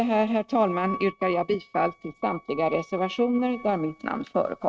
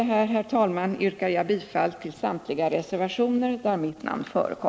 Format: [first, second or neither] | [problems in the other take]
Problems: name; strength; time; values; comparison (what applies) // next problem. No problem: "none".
second | noise reduction (neural mask model RNNoise)